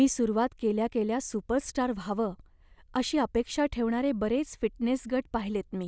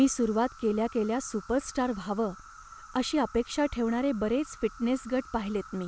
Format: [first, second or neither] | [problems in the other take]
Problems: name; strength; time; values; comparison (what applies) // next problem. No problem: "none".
first | background sound (Insect); 20 dB below the speech